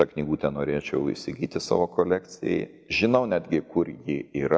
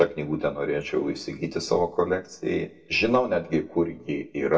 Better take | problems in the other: first | room echo; dies away in 0.2 s

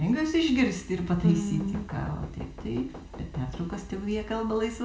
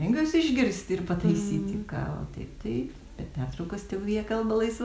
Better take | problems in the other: second | background sound (Knock / Wood); 19 dB below the speech // room echo; dies away in 0.4 s

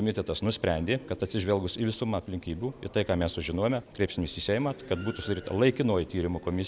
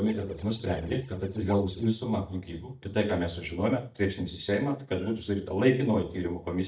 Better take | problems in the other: first | noise reduction (neural mask model DeepFilterNet 3)

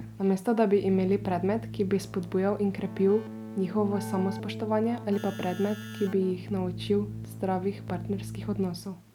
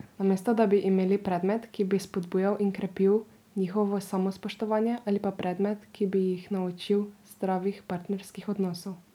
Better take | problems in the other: second | background sound (Keyboard (musical)); 10 dB below the speech

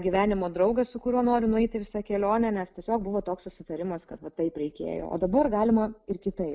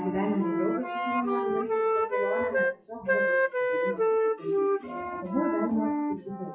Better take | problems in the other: first | noise reduction (classical method WPE with log-MMSE)

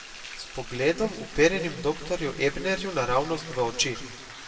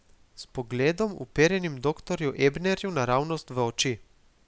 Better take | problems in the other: second | background sound (Bathtub (filling or washing)); 15 dB below the speech // room echo; dies away in 0.9 s

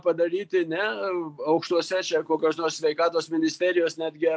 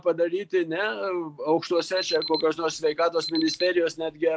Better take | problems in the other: first | background sound (Alarm); 10 dB below the speech

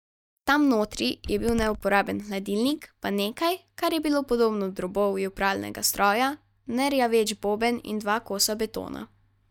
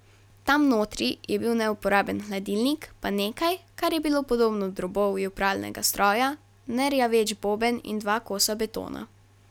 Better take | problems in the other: second | noise reduction (neural mask model DeepFilterNet 3)

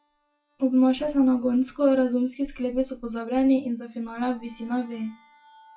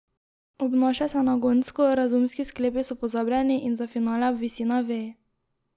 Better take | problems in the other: second | noise reduction (classical method WPE with log-MMSE)

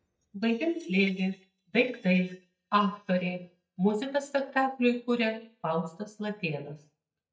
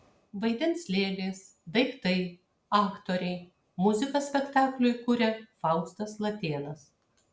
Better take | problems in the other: second | noise reduction (neural mask model DeepFilterNet 3)

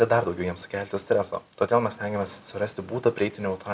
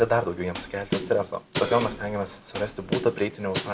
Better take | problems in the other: first | background sound (Snare drum); 7 dB below the speech

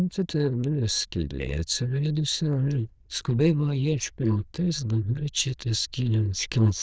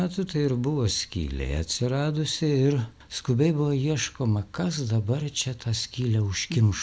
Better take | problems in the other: second | noise reduction (neural diffusion model UNIVERSE++)

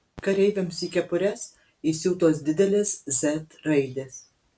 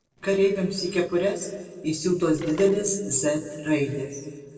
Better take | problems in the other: first | noise reduction (neural separator model SepFormer DNS4)

